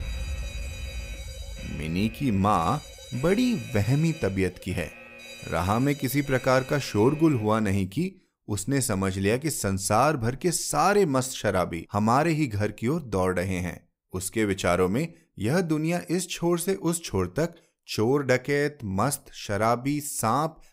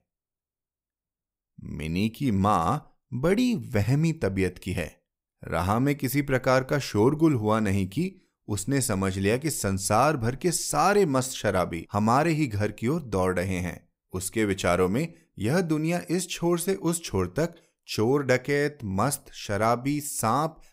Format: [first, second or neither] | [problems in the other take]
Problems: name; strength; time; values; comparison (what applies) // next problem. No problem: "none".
second | alarm; noticeable; until 7.5 s; peak 8 dB below the speech